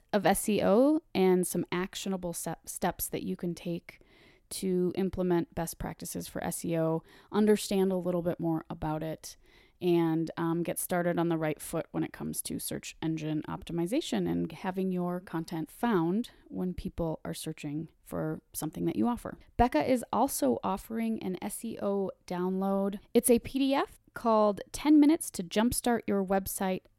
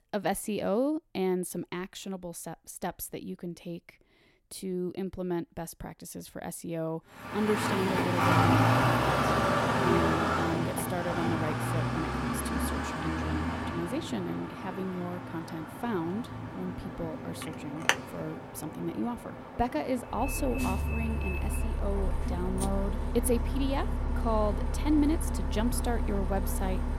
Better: first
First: none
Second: traffic noise; very loud; from 7.5 s on; 4 dB above the speech

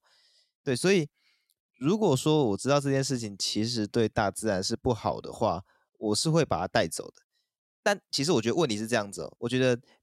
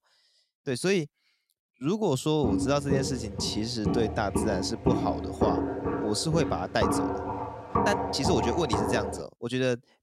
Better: first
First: none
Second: footsteps; loud; from 2.5 to 9 s; peak 2 dB above the speech

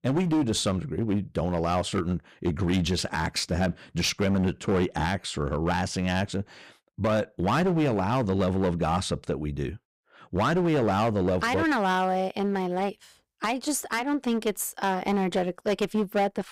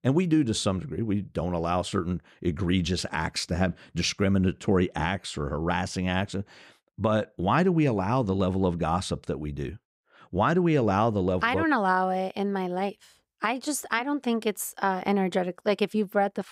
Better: second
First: distortion; slight; 12% of the sound clipped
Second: none

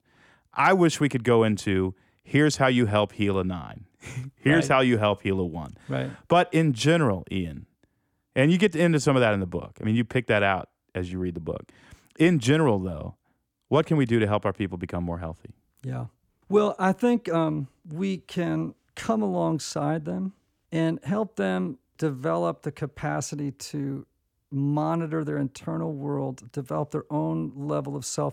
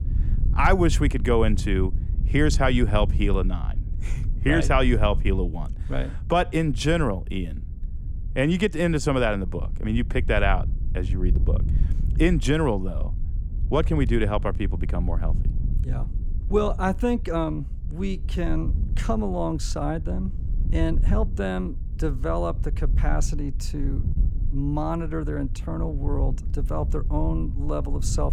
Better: first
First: none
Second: wind noise on the microphone; occasional gusts; 20 dB below the speech

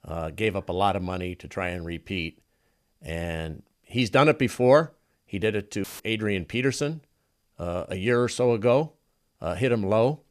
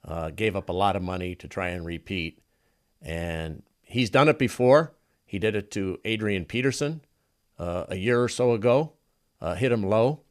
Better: second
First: audio cutting out; filled with static; at 6 s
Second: none

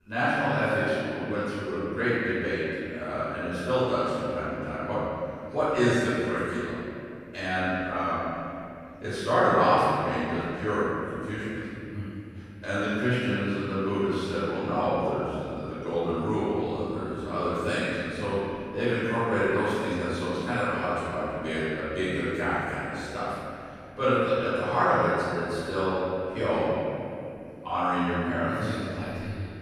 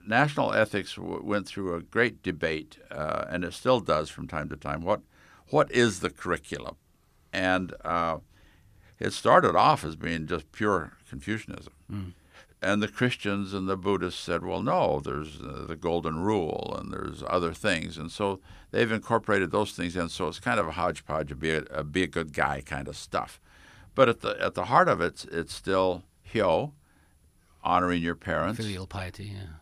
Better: second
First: off-mic speech; far // room echo; strong; dies away in 2.7 s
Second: none

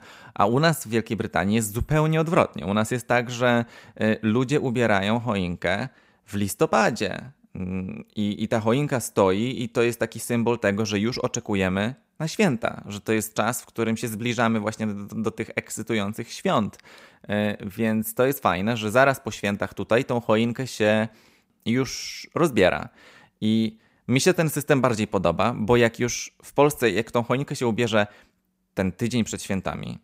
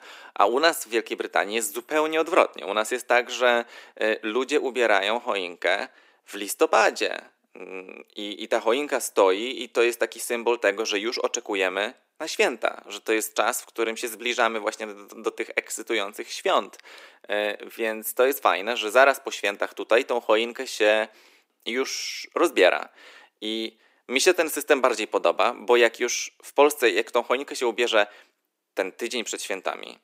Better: first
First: none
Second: thin; very; fading below 300 Hz

